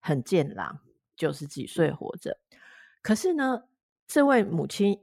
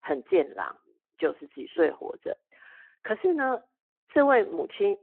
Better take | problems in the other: first | phone-call audio

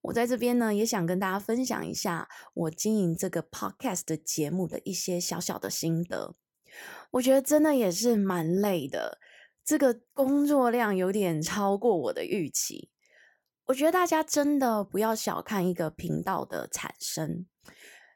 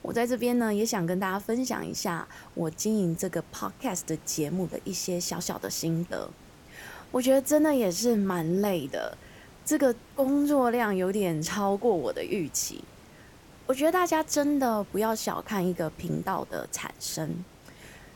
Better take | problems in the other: first | hiss; faint; throughout; 25 dB below the speech

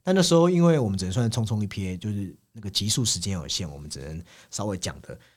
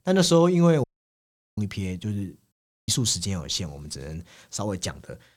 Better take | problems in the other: first | audio cutting out; at 1 s for 0.5 s and at 2.5 s

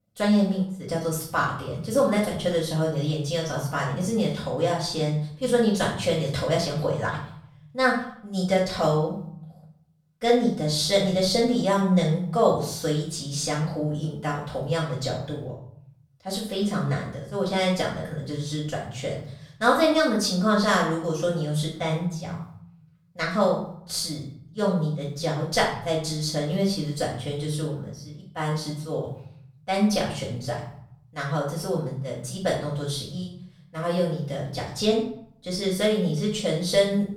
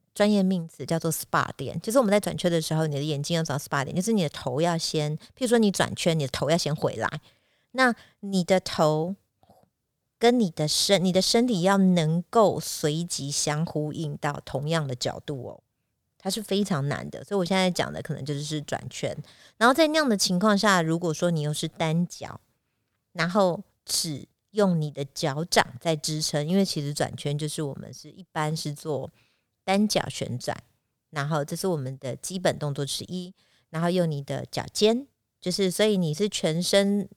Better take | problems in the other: second | off-mic speech; far // room echo; noticeable; dies away in 0.7 s

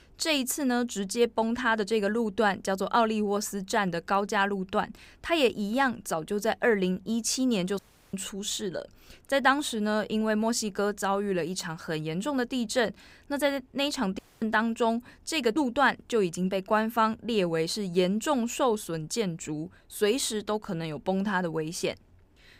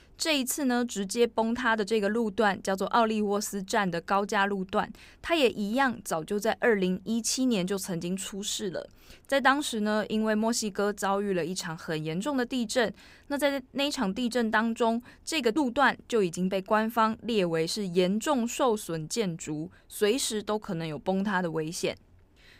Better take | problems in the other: second | audio cutting out; at 8 s and at 14 s

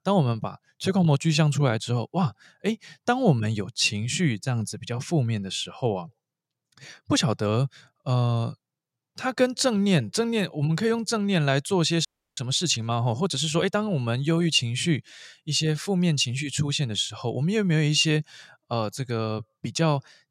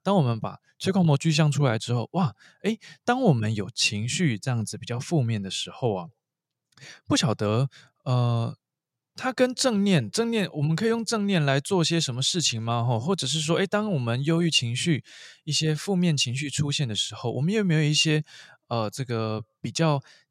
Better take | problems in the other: second | audio freezing; at 12 s

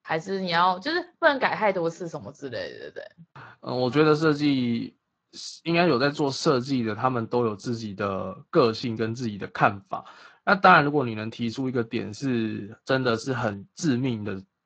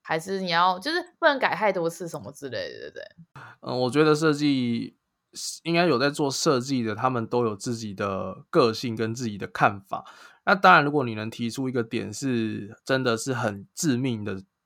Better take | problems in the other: second | garbled, watery; slightly; nothing above 7.5 kHz

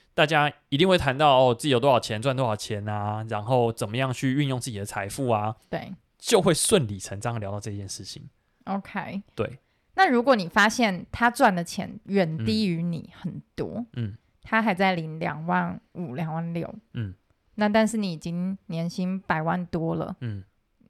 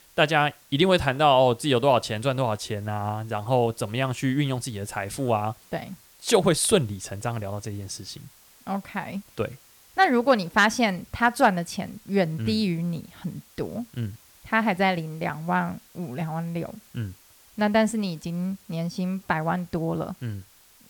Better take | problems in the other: first | hiss; faint; throughout; 25 dB below the speech

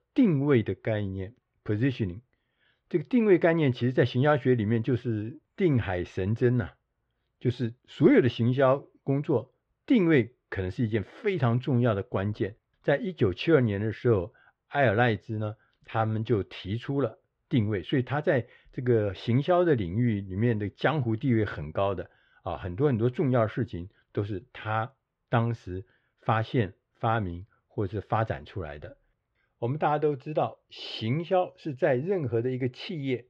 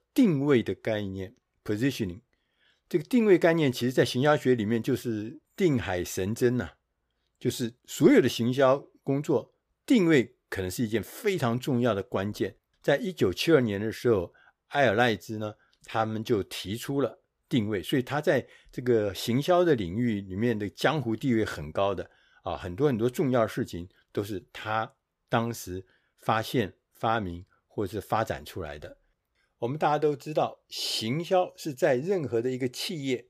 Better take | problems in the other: second | muffled; slightly; fading above 3 kHz

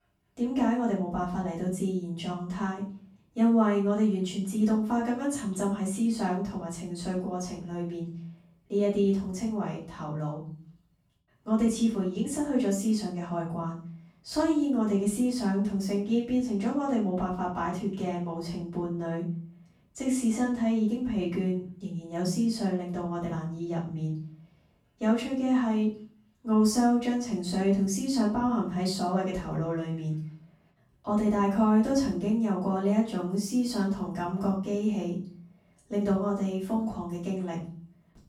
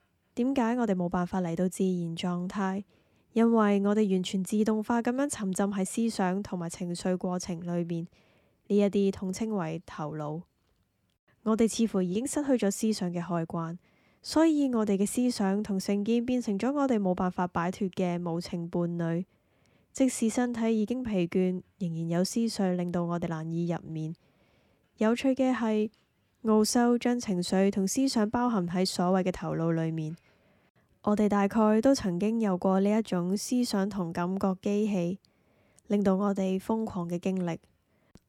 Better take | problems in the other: second | off-mic speech; far // room echo; noticeable; dies away in 0.4 s

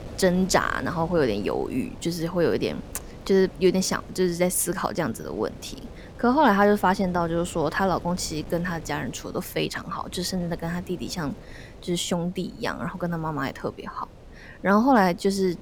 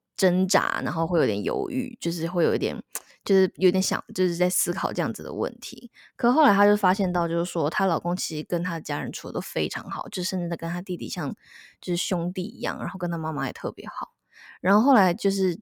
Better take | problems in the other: second | wind noise on the microphone; occasional gusts; 20 dB below the speech

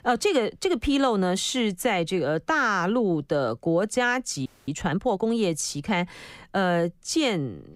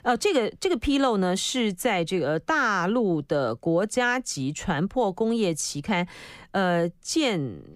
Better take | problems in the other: second | audio freezing; at 4.5 s

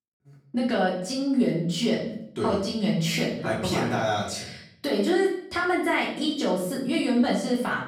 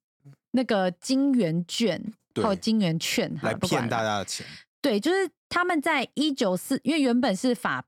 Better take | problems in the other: second | off-mic speech; far // room echo; noticeable; dies away in 0.6 s

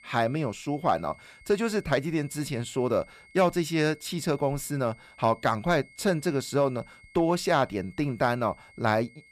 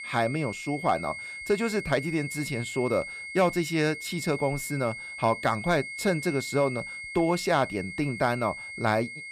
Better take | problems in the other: first | high-pitched whine; loud; throughout; 2 kHz, 8 dB below the speech; faint in the first

